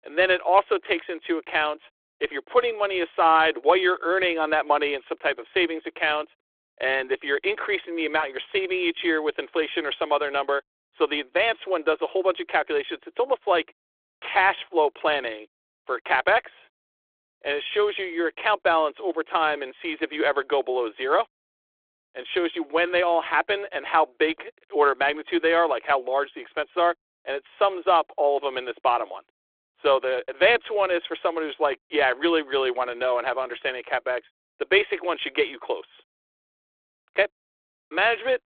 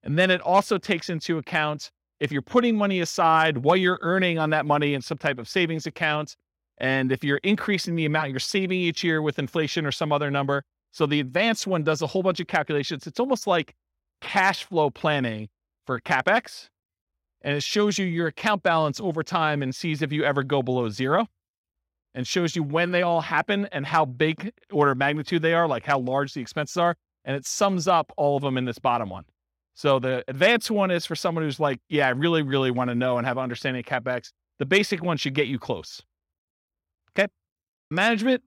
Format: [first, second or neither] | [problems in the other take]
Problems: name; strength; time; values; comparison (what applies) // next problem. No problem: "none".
second | phone-call audio; nothing above 3.5 kHz